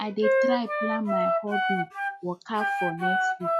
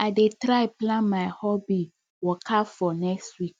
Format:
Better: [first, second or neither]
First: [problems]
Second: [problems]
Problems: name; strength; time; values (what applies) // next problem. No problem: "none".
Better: second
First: noise reduction (classical method log-MMSE)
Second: none